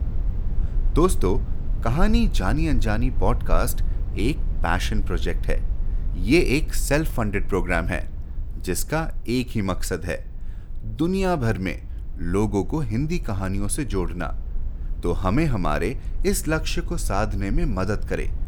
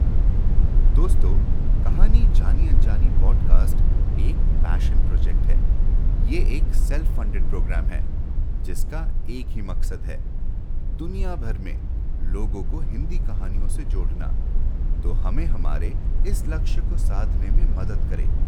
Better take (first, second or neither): first